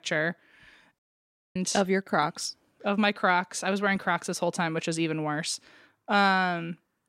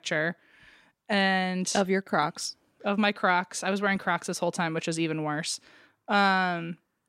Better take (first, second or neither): second